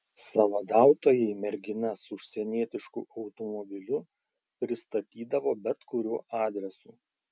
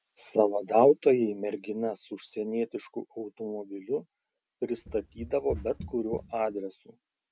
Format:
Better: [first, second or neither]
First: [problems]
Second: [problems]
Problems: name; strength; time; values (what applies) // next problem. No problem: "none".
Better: first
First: none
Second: background sound (Run); 14 dB below the speech